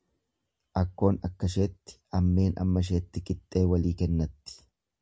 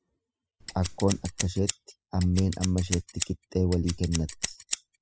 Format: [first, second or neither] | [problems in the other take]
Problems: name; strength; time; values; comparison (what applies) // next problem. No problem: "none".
first | noise reduction (classical method spectral subtraction)